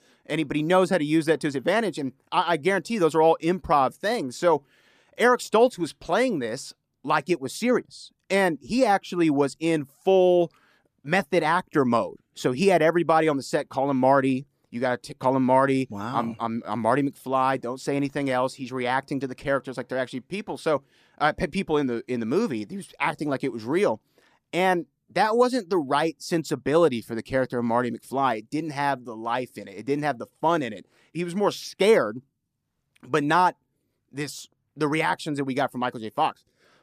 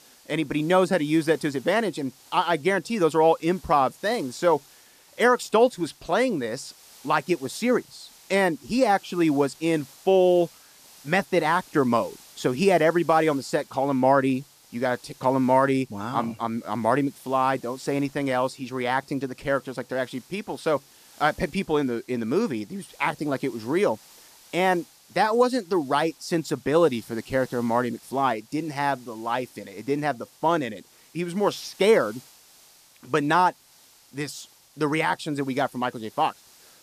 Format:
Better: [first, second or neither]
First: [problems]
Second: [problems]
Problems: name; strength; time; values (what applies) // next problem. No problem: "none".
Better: first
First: none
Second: hiss; faint; throughout; 25 dB below the speech